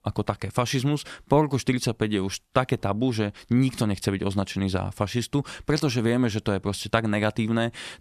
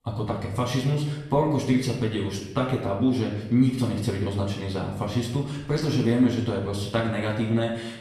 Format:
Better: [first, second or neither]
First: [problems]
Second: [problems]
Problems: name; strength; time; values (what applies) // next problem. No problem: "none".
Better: first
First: none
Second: off-mic speech; far // room echo; noticeable; dies away in 0.9 s